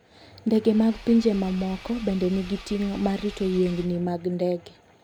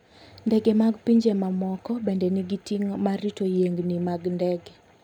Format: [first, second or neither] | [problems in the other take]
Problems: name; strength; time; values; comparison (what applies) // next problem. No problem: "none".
second | background sound (Engine / Car); 18 dB below the speech